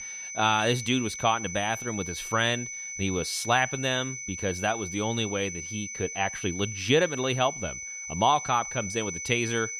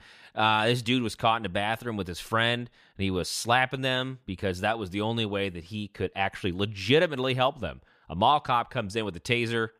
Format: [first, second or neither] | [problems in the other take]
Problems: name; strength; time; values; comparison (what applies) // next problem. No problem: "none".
second | high-pitched whine; loud; throughout; 6 kHz, 7 dB below the speech